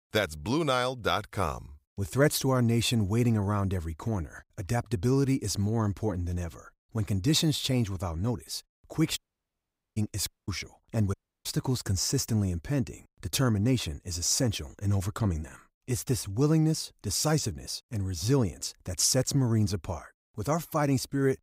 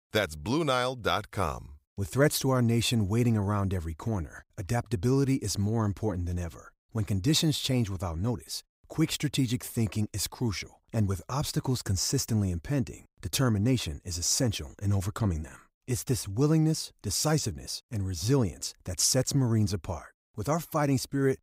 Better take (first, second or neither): second